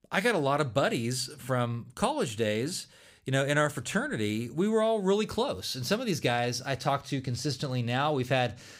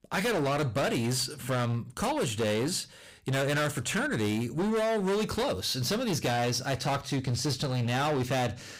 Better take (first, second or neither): first